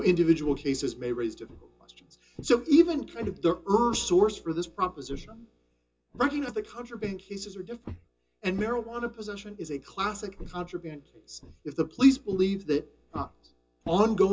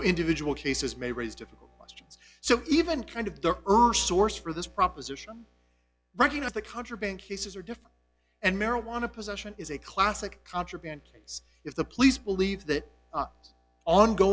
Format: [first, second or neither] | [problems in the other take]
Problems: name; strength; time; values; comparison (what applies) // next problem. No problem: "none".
second | background sound (Walk, footsteps); 18 dB below the speech // room echo; dies away in 0.2 s